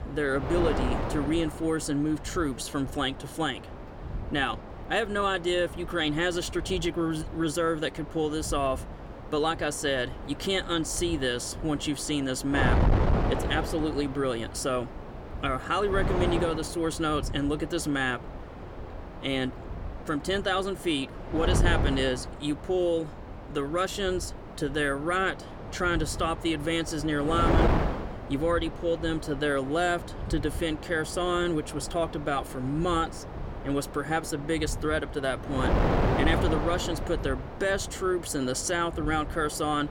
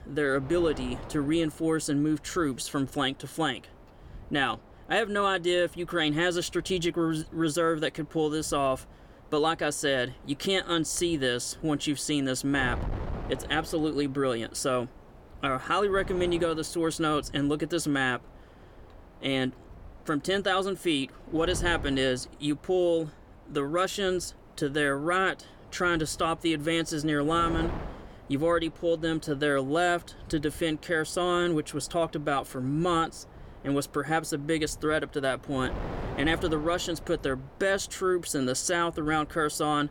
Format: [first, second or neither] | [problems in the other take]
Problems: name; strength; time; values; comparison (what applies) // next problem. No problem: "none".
second | wind noise on the microphone; heavy; 8 dB below the speech; occasional gusts in the second